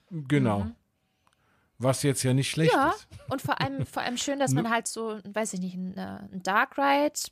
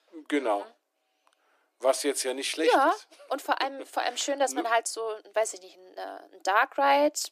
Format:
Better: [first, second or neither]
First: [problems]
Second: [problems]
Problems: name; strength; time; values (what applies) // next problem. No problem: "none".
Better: first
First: none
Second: thin; somewhat; fading below 300 Hz